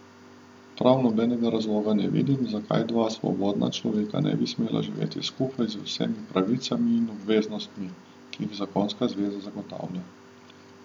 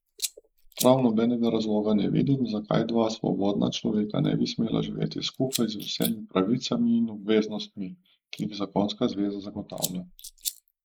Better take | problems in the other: first | noise reduction (neural mask model Resemble Enhance denoiser)

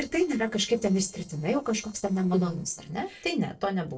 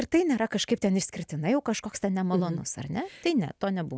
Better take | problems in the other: second | noise reduction (neural separator model SepFormer DNS4)

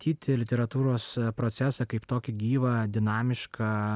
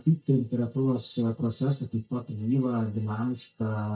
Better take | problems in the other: first | noise reduction (neural mask model DeepFilterNet 3)

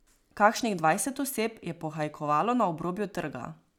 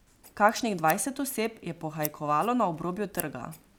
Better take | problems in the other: first | background sound (Scissors); 17 dB below the speech

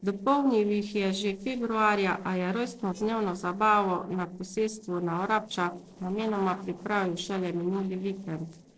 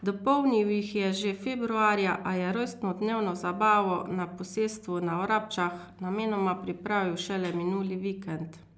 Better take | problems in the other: second | noise reduction (neural separator model SepFormer DNS4)

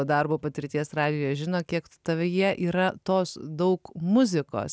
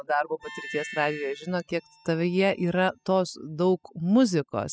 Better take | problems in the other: first | noise reduction (classical method spectral subtraction)

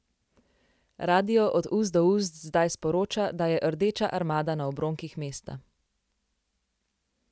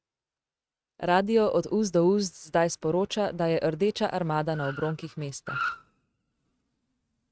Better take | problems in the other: first | noise reduction (neural mask model RNNoise)

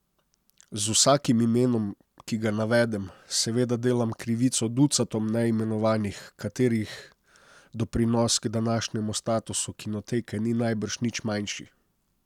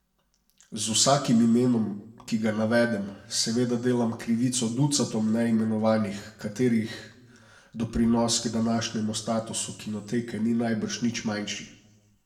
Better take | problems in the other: first | room echo; dies away in 0.6 s

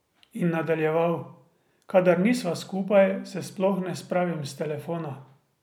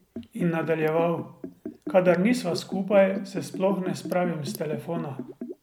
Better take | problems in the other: first | background sound (Liquid); 11 dB below the speech

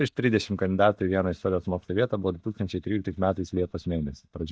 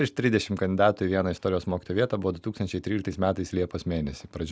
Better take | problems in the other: second | noise reduction (neural mask model DeepFilterNet 3)

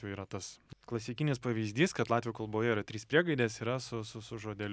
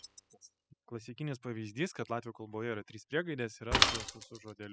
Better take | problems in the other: first | noise reduction (classical method spectral subtraction)

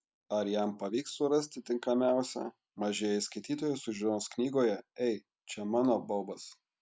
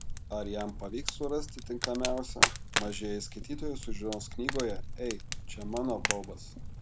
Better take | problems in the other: first | background sound (Fire); 2 dB above the speech

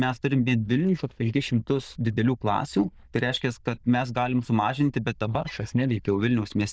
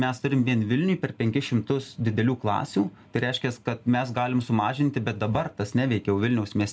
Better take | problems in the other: second | noise reduction (neural diffusion model UNIVERSE++)

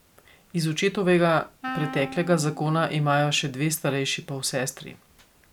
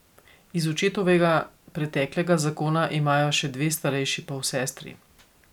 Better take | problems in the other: second | background sound (Wind instrument, woodwind instrument); 14 dB below the speech

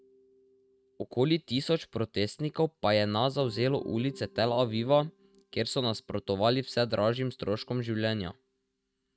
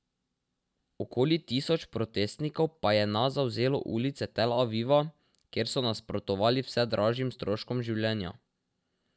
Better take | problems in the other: second | noise reduction (neural mask model RNNoise)

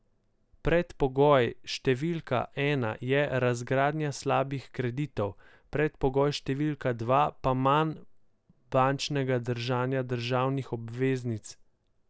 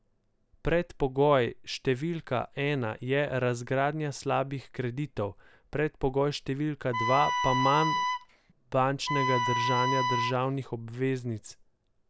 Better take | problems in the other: first | background sound (Wind instrument, woodwind instrument); 1 dB above the speech

